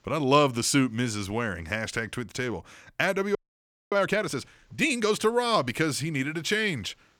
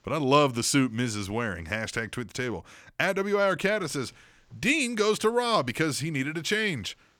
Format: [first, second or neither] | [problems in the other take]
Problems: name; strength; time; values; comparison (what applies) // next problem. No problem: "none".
second | audio freezing; at 3.5 s for 0.5 s